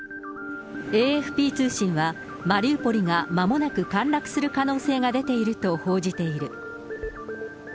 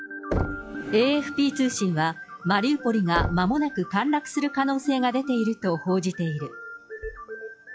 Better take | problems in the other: first | noise reduction (classical method log-MMSE)

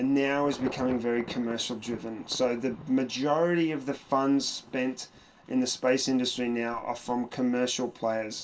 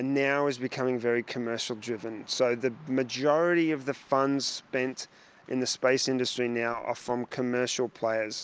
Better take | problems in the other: second | background sound (Thunder / Traffic noise, roadway noise / Rain / Insect); 19 dB below the speech // room echo; dies away in 0.2 s

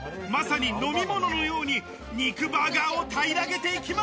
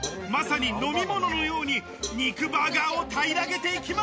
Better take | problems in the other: first | background sound (Cowbell); 17 dB below the speech

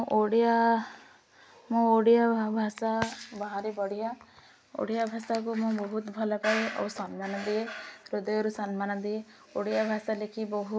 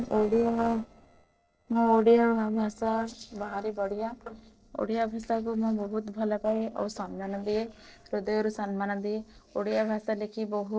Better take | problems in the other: first | noise reduction (neural separator model SepFormer DNS4)

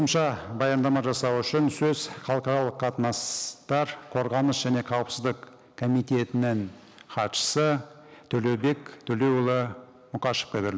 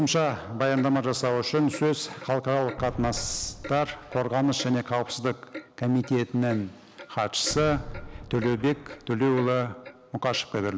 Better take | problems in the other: first | background sound (Clock + Boom); 16 dB below the speech

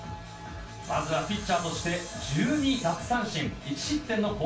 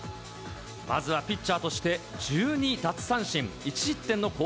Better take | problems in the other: second | background sound (Sawing); 17 dB below the speech // room echo; dies away in 0.3 s

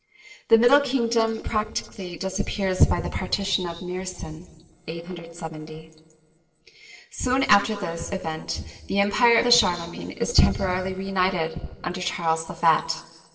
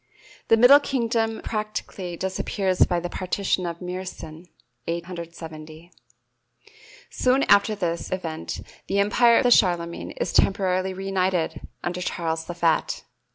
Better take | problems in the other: second | noise reduction (neural separator model SepFormer DNS4)

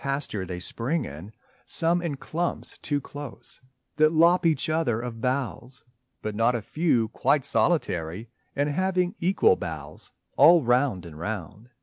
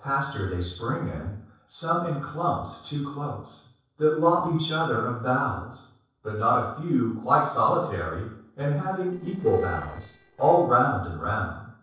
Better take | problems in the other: first | noise reduction (neural separator model SepFormer DNS4)

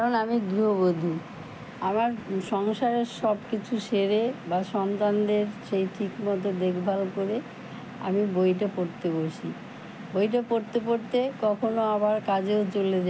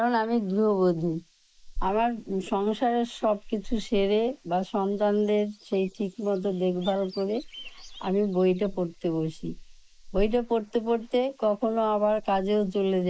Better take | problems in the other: first | noise reduction (neural mask model Resemble Enhance denoiser)

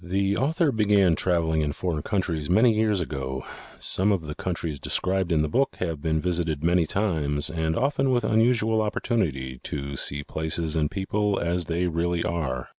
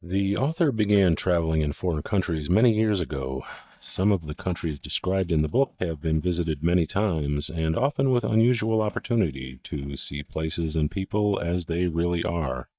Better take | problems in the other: first | noise reduction (neural mask model DeepFilterNet 3)

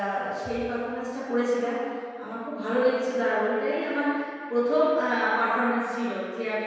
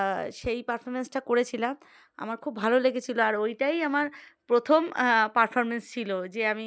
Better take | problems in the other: second | room echo; dies away in 1.9 s

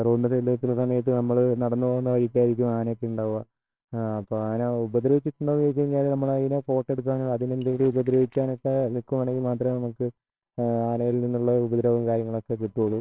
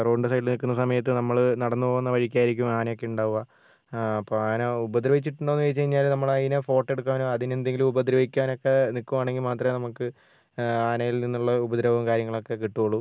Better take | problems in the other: second | noise reduction (neural separator model SepFormer WHAMR!)

